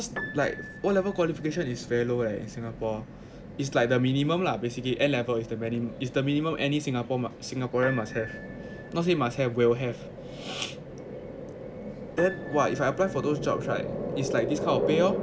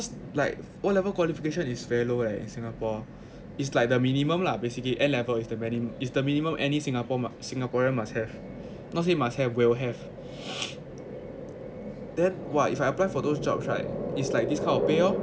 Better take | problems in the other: second | background sound (Piano); 16 dB below the speech

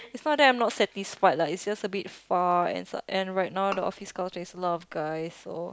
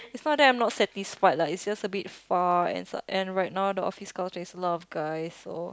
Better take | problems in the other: second | background sound (Bowed string instrument); 17 dB below the speech

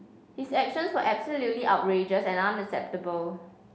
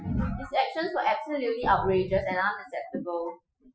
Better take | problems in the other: first | noise reduction (classical method Wiener filter)

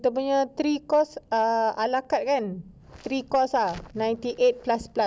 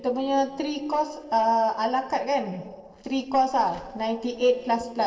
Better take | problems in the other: first | noise reduction (neural separator model SepFormer DNS4)

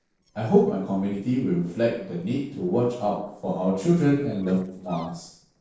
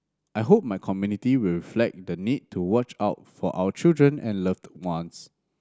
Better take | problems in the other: second | noise reduction (neural separator model SepFormer DNS4)

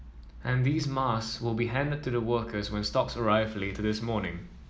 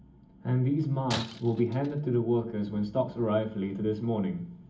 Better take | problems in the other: first | background sound (Shatter); 14 dB below the speech // room echo; dies away in 0.3 s

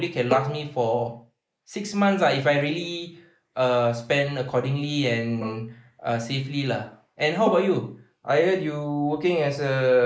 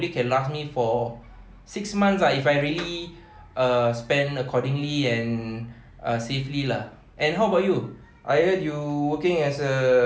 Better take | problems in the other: second | noise reduction (neural mask model Resemble Enhance denoiser)

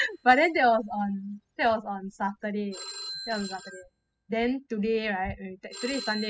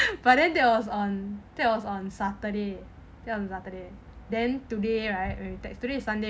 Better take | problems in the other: second | noise reduction (classical method spectral subtraction)

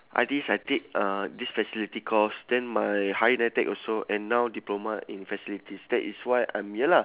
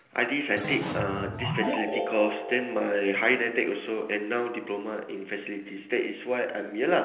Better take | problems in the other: first | background sound (Keyboard (musical)); 9 dB below the speech // room echo; dies away in 0.8 s

